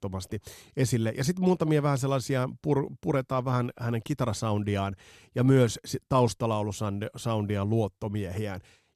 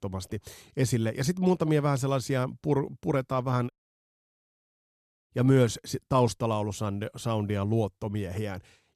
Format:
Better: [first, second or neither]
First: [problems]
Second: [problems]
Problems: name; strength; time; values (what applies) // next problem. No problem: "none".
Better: first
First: none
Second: audio cutting out; at 3.5 s for 1.5 s